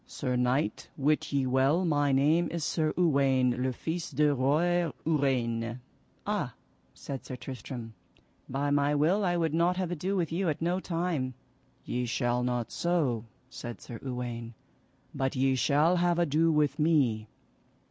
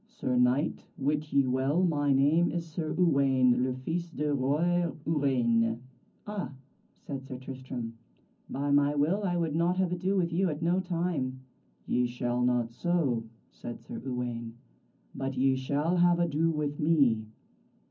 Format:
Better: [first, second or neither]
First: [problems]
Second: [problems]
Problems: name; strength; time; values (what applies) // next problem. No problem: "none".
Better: first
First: none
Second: room echo; dies away in 0.4 s